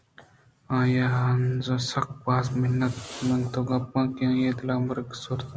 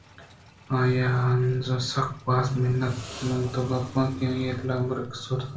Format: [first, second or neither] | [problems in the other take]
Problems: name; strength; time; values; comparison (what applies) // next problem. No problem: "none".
first | background sound (Car); 19 dB below the speech // room echo; dies away in 0.3 s